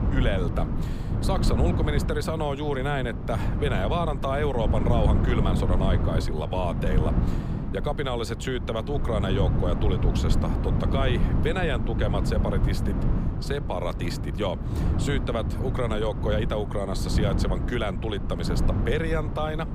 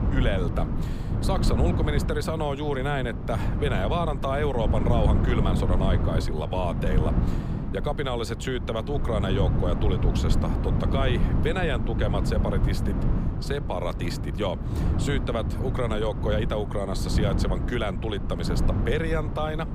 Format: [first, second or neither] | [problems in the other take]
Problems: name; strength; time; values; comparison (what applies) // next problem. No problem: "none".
neither | wind noise on the microphone; heavy; 6 dB below the speech; the same in both